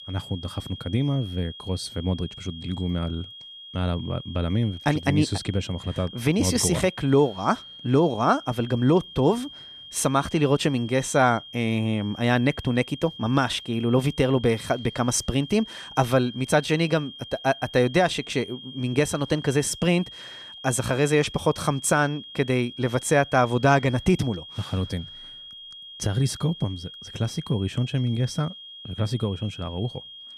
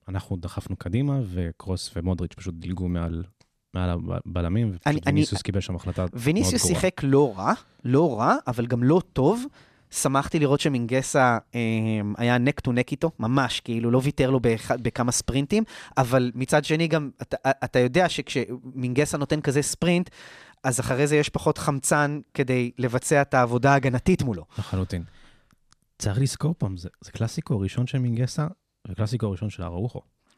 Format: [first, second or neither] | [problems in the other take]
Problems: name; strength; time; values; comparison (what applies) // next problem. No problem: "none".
second | high-pitched whine; noticeable; throughout; 3.5 kHz, 15 dB below the speech